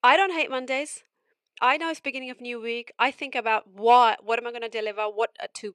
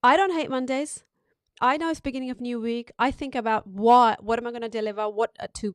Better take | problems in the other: second | thin; somewhat; fading below 450 Hz

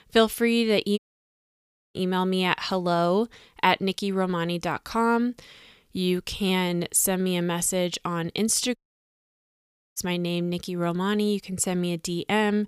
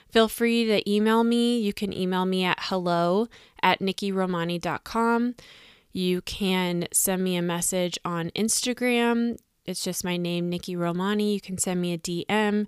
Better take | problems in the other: second | audio cutting out; at 1 s for 1 s and at 9 s for 1 s

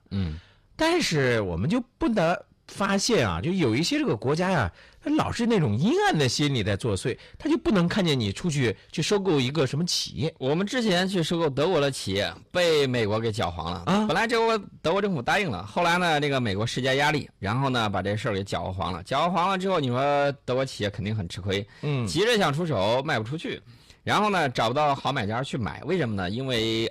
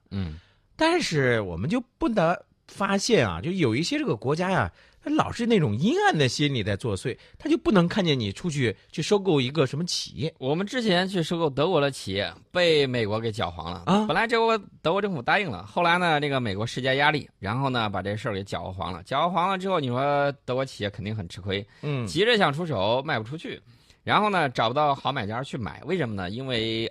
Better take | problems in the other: second | distortion; slight; 10 dB below the speech

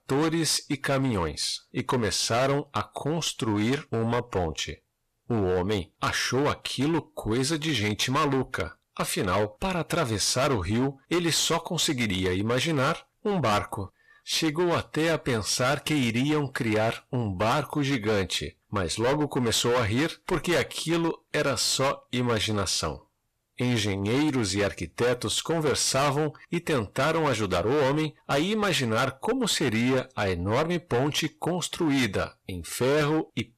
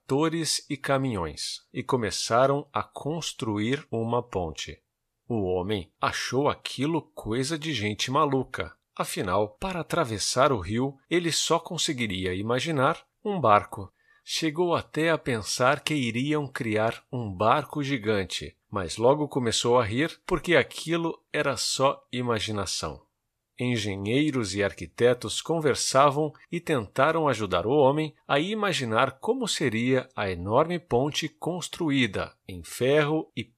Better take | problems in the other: second | distortion; heavy; 16% of the sound clipped

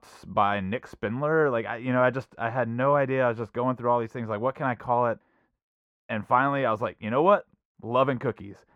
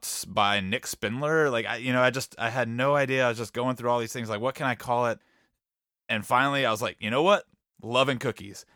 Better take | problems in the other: second | muffled; very; fading above 3 kHz

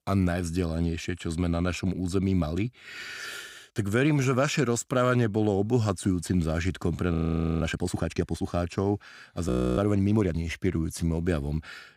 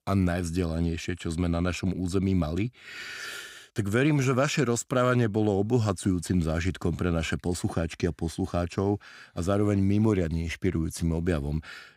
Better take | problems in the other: second | audio freezing; at 7 s and at 9.5 s

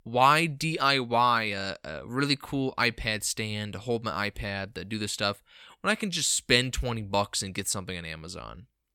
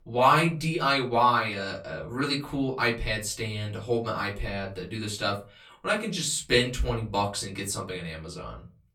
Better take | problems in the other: first | off-mic speech; far // room echo; very slight; dies away in 0.3 s

